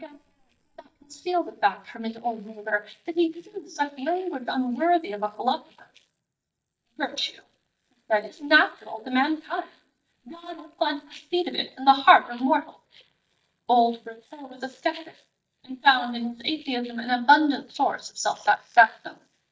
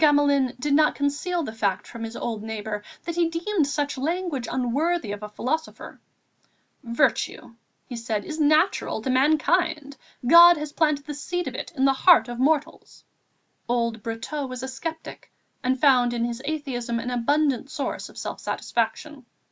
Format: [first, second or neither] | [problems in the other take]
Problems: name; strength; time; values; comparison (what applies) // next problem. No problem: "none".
second | noise reduction (neural mask model DeepFilterNet 3)